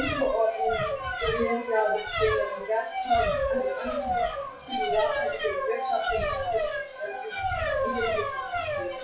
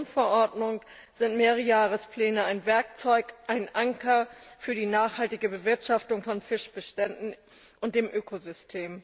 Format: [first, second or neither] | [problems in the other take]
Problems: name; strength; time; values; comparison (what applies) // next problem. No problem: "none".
second | noise reduction (classical method WPE with log-MMSE)